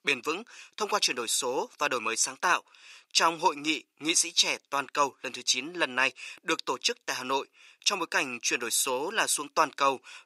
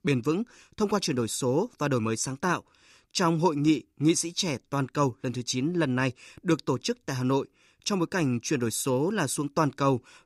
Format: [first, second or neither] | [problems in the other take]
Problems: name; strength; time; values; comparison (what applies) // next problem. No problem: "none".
second | thin; very; fading below 700 Hz